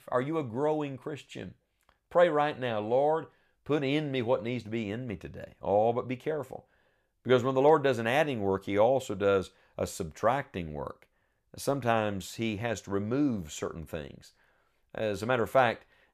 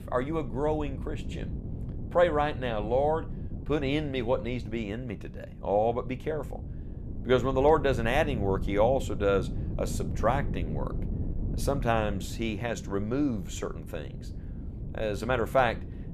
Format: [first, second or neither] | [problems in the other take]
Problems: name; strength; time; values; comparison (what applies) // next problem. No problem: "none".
first | wind noise on the microphone; occasional gusts; 20 dB below the speech